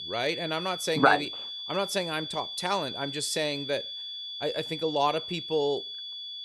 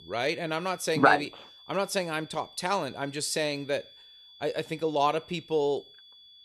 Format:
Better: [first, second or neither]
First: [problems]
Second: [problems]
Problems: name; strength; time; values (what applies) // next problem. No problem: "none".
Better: second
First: high-pitched whine; loud; throughout; 3.5 kHz, 6 dB below the speech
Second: high-pitched whine; faint; throughout; 3.5 kHz, 20 dB below the speech